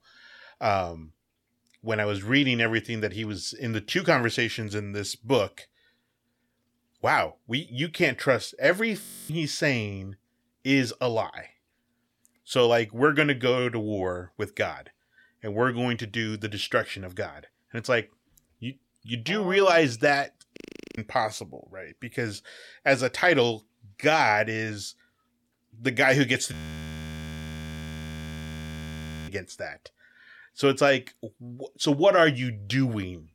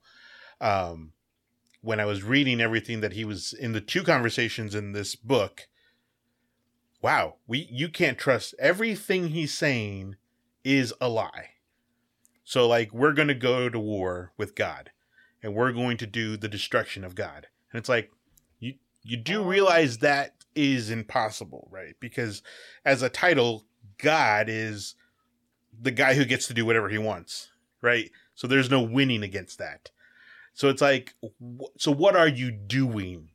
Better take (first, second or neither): second